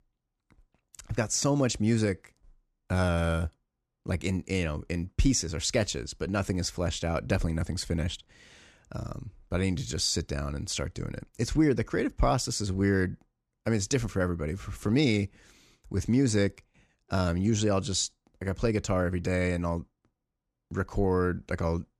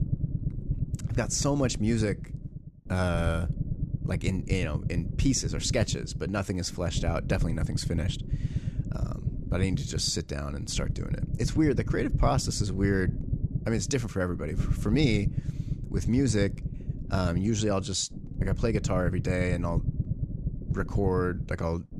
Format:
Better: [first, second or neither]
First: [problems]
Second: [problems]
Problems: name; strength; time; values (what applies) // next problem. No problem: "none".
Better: first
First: none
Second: low rumble; noticeable; throughout; 15 dB below the speech